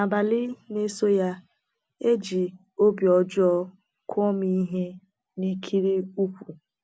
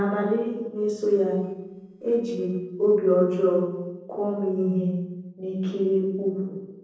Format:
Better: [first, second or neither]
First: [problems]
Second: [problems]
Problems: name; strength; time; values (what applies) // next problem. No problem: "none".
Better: first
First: none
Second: noise reduction (neural separator model SepFormer DNS4)